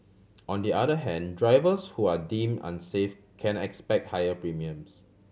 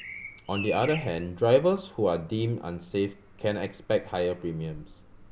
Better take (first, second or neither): first